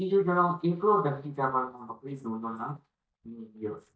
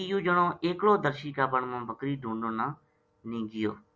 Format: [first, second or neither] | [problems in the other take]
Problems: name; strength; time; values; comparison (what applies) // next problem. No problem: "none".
second | noise reduction (neural mask model DeepFilterNet 3)